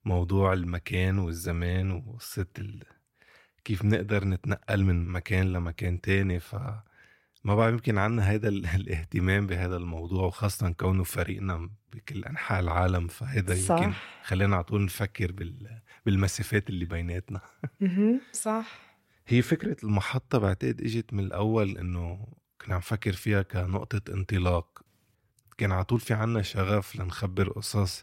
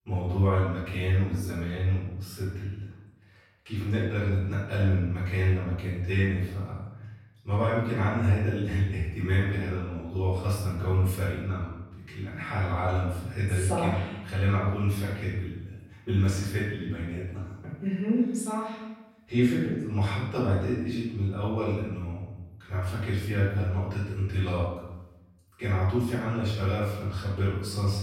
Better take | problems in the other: first | off-mic speech; far // room echo; noticeable; dies away in 0.9 s

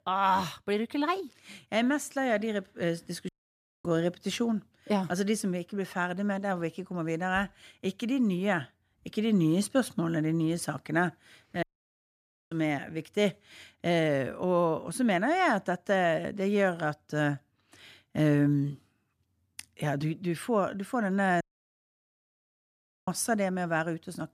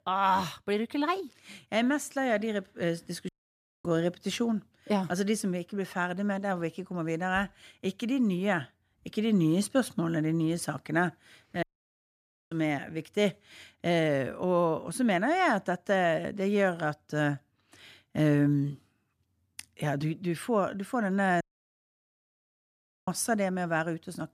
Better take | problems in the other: neither | audio cutting out; at 3.5 s for 0.5 s, at 12 s for 1 s and at 21 s for 1.5 s; the same in both

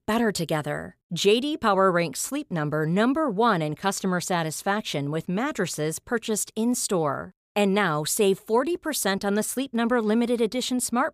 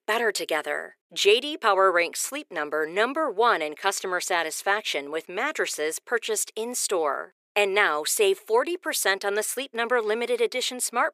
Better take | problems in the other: first | thin; very; fading below 400 Hz

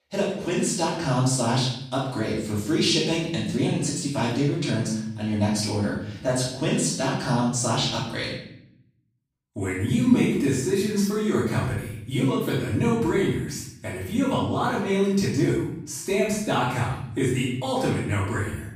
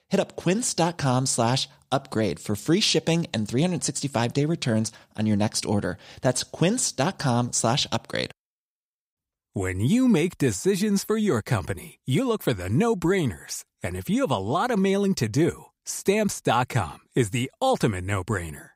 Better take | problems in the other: second | off-mic speech; far // room echo; noticeable; dies away in 0.7 s

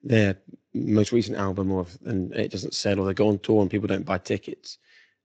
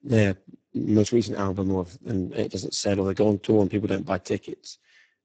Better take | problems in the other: first | garbled, watery; badly; nothing above 8 kHz; slightly in the first

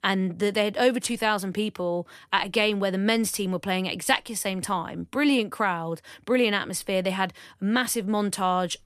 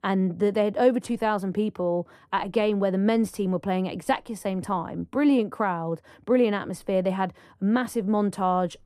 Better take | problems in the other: first | muffled; slightly; fading above 1.5 kHz

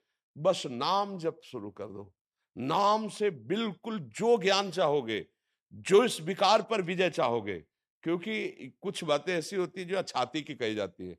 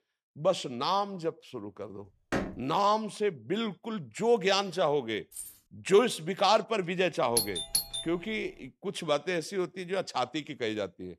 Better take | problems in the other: first | door banging; noticeable; at 2.5 s; peak 4 dB below the speech // jangling keys; faint; at 5.5 s; peak 10 dB below the speech // doorbell; loud; at 7.5 s; peak level with the speech

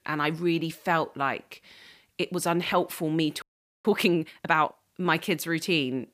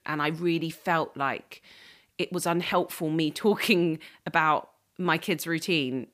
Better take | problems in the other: second | audio freezing; at 3.5 s

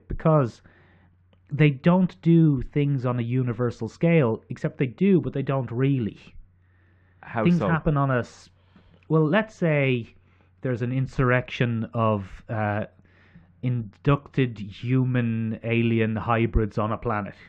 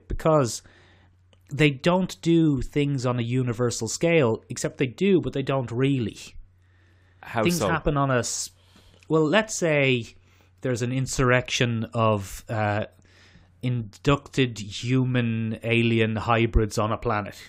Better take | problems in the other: second | muffled; very; fading above 2 kHz

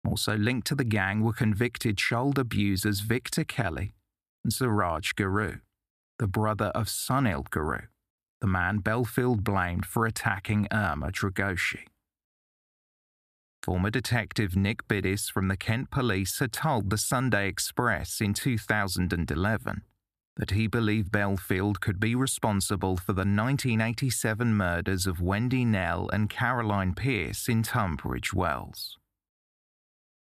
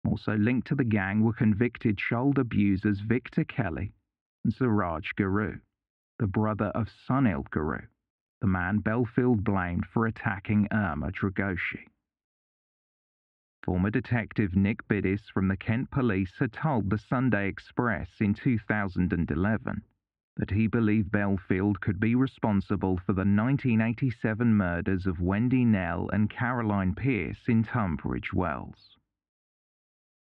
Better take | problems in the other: first | muffled; very; fading above 2.5 kHz

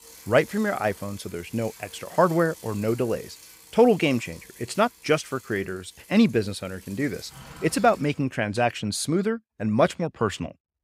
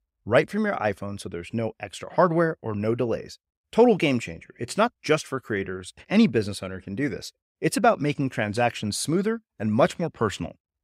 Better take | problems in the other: second | traffic noise; faint; until 8 s; 20 dB below the speech

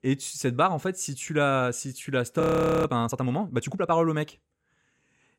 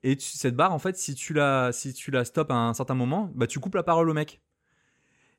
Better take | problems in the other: second | audio freezing; at 2.5 s

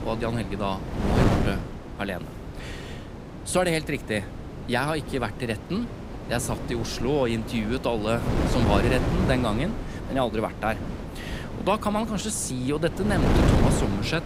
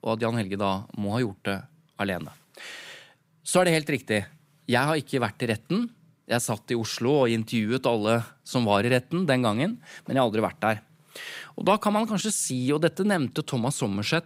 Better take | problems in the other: second | wind noise on the microphone; heavy; 5 dB below the speech

